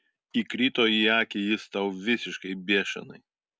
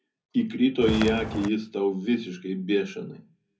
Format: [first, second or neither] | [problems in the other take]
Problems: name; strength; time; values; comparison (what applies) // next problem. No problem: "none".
first | background sound (Walk, footsteps); 4 dB below the speech // room echo; dies away in 0.4 s